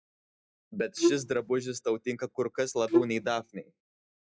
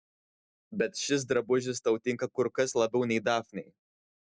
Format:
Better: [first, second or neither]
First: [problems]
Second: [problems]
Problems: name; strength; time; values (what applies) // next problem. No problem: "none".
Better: second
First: noise reduction (classical method log-MMSE)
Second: none